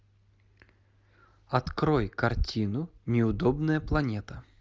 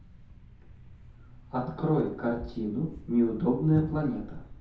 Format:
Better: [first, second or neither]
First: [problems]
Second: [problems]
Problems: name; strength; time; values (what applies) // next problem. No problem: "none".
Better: first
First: none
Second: background sound (Thump, thud); 15 dB below the speech // room echo; dies away in 0.6 s